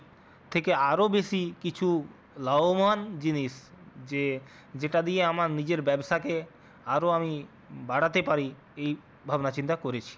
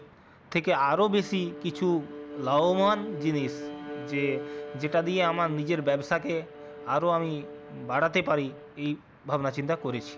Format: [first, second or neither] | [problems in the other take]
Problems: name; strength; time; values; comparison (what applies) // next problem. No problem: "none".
first | background sound (Bowed string instrument); 13 dB below the speech